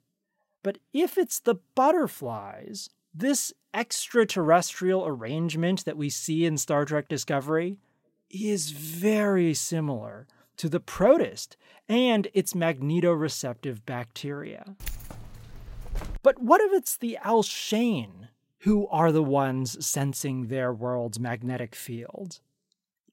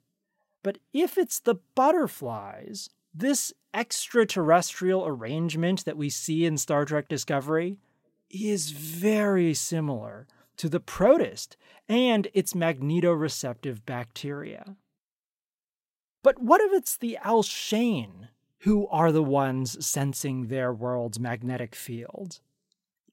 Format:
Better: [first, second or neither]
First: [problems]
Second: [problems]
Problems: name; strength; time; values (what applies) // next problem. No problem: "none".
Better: second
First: jangling keys; faint; from 15 to 16 s; peak 10 dB below the speech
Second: none